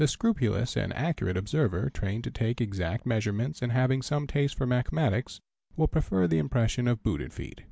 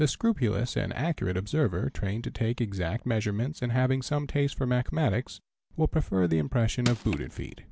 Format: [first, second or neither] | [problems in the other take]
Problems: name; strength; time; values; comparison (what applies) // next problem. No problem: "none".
first | background sound (Crushing); 11 dB below the speech